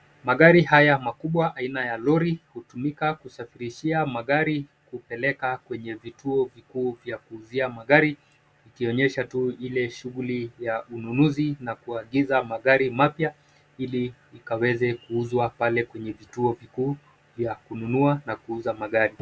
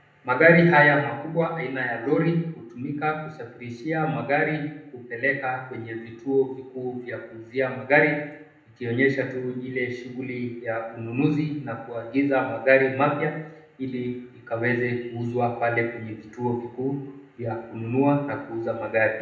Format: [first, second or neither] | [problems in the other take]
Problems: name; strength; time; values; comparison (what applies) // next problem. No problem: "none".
first | room echo; dies away in 0.7 s